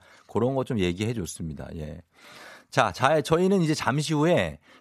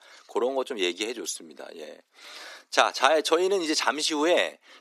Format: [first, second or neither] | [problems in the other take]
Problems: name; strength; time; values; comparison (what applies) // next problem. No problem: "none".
first | thin; somewhat; fading below 300 Hz